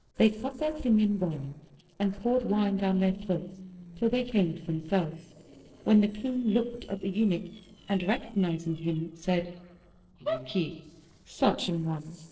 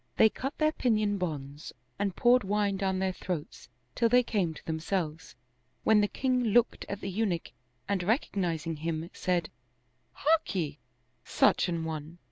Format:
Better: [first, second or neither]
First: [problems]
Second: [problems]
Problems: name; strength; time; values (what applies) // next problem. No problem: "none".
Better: second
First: noise reduction (neural separator model SepFormer DNS4)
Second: none